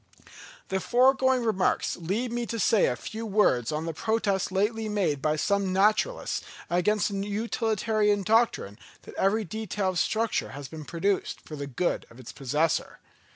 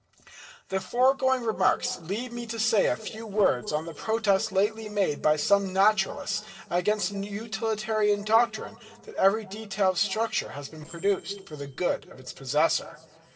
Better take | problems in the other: first | noise reduction (neural separator model SepFormer DNS4)

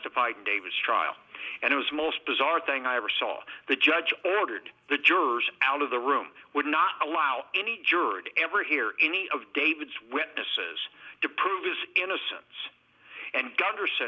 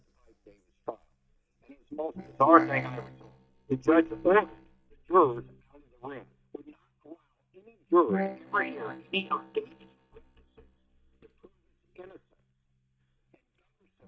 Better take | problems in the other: first | noise reduction (neural mask model DeepFilterNet 3)

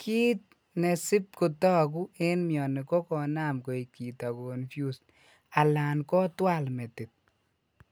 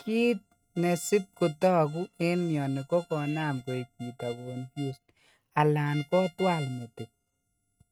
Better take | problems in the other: first | noise reduction (neural mask model RNNoise)

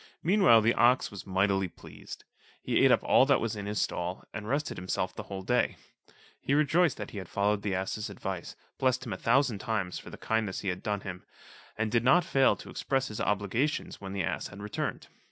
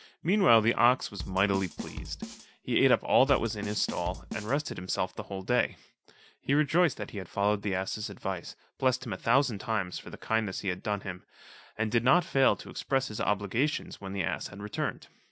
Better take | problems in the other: first | background sound (Bass drum / Snare drum / Drum kit); 11 dB below the speech

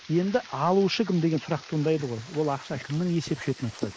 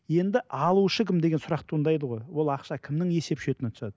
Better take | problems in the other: second | noise reduction (neural mask model Resemble Enhance denoiser)

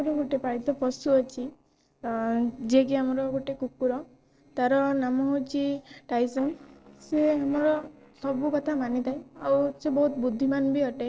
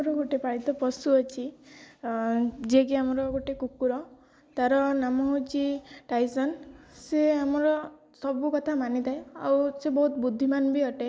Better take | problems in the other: second | noise reduction (neural separator model SepFormer DNS4)

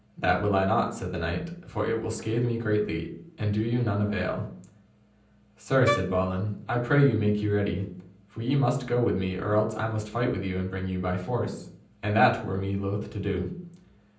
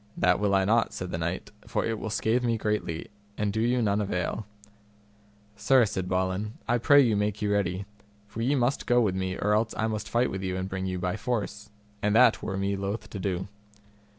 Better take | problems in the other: second | background sound (Wind instrument, woodwind instrument); 3 dB below the speech // room echo; dies away in 0.6 s

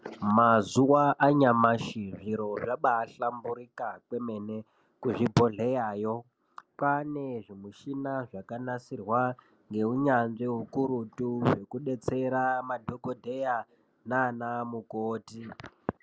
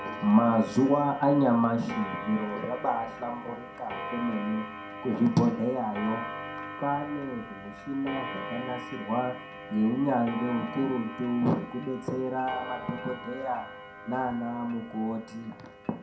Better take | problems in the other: first | background sound (Clock); 11 dB below the speech // room echo; dies away in 0.4 s

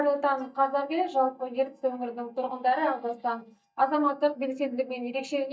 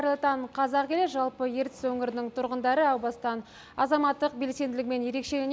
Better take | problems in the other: second | noise reduction (neural mask model DeepFilterNet 3)

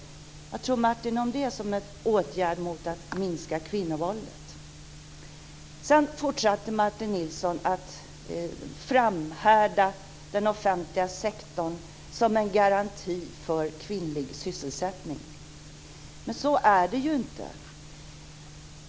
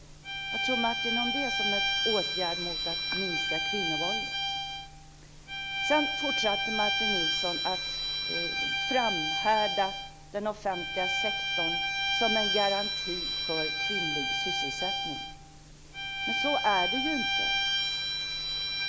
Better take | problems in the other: first | background sound (Bowed string instrument); 3 dB above the speech

